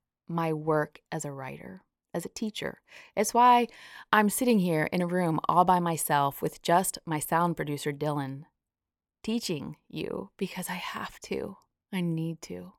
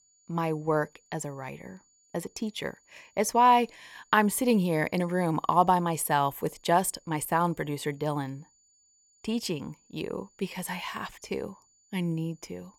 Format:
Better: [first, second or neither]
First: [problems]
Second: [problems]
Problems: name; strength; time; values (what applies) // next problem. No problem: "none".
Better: first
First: none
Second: high-pitched whine; faint; throughout; 7 kHz, 35 dB below the speech